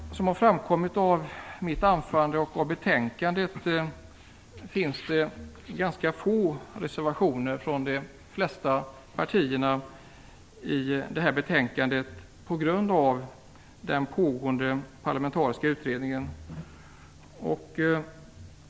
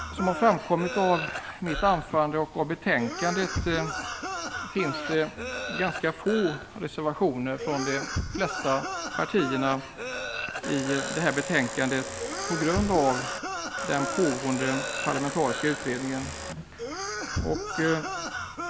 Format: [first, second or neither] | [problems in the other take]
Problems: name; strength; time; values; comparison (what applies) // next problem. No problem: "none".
first | background sound (Domestic sounds, home sounds + Cough); 6 dB below the speech